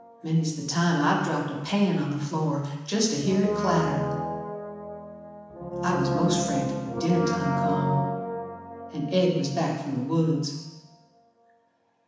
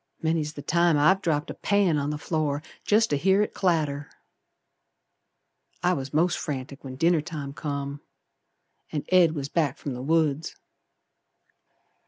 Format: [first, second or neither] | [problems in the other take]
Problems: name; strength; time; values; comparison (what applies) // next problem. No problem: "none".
second | background sound (Brass instrument); 6 dB below the speech // room echo; dies away in 1.1 s